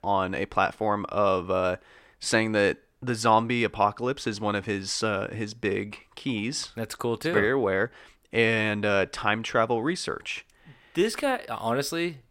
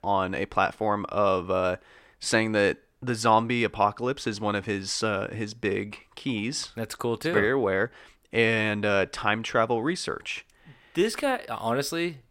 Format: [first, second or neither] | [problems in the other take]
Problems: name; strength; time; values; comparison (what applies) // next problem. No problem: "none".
neither | none